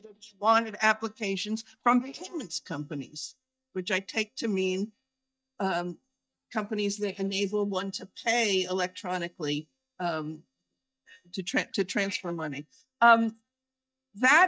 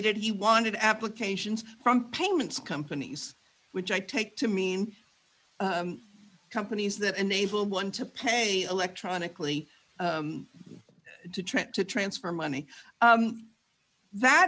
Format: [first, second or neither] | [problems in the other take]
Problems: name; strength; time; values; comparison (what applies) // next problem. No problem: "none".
second | noise reduction (neural mask model DeepFilterNet 3)